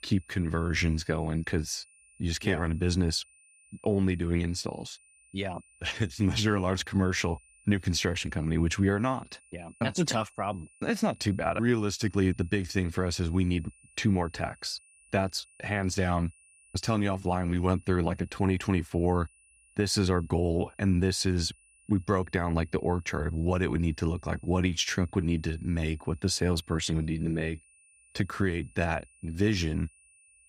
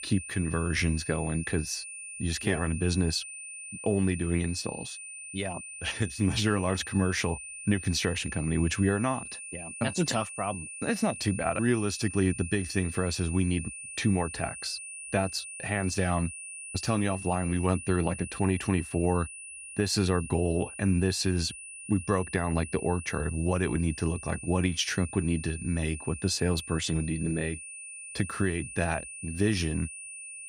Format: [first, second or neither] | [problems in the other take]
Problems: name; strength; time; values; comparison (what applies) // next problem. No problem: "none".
first | high-pitched whine; loud; throughout; 2.5 kHz, 10 dB below the speech; faint in the first